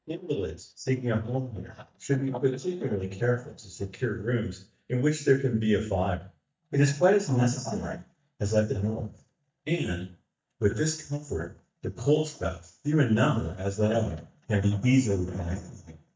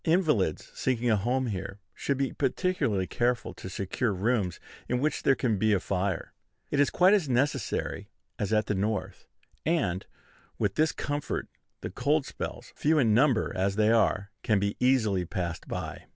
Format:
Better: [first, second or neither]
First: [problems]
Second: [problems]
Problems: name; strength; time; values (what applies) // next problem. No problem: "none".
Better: second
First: noise reduction (neural mask model DeepFilterNet 3)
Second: none